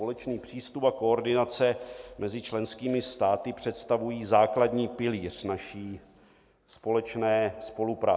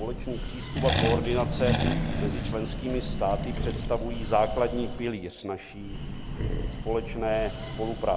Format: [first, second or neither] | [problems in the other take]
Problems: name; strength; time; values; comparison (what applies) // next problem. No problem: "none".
first | background sound (Accelerating, revving, vroom + Breathing); as loud as the speech